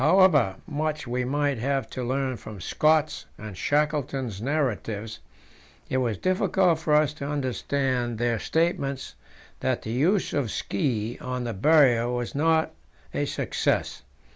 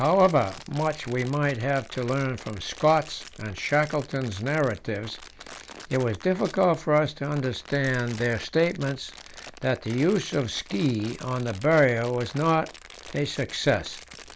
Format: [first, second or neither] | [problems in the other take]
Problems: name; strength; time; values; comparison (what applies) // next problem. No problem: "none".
first | background sound (Crumpling, crinkling); 19 dB below the speech